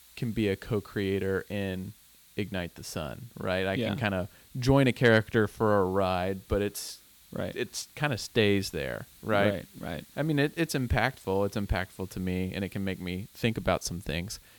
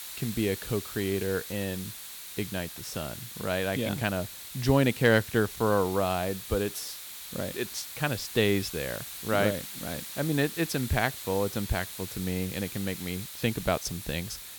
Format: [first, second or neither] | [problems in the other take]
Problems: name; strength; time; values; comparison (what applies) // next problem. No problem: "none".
first | hiss; loud; throughout; 9 dB below the speech; faint in the first